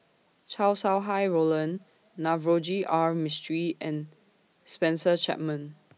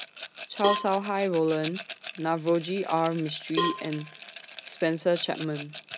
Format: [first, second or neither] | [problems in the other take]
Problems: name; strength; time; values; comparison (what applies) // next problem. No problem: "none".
first | background sound (Cowbell + Rattle); 8 dB below the speech